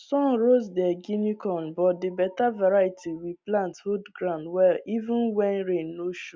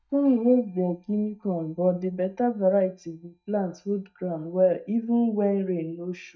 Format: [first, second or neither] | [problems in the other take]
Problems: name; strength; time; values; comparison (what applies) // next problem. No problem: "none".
first | noise reduction (neural mask model DeepFilterNet 3)